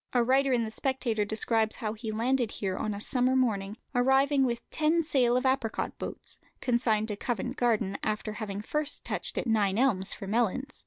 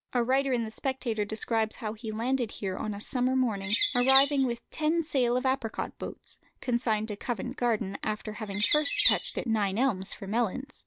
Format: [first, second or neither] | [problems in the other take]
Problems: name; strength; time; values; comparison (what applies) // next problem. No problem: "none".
first | background sound (Bird); 2 dB below the speech